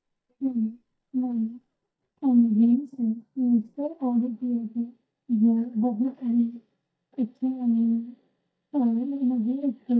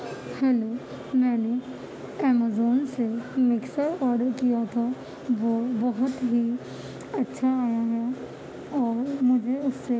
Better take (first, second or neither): second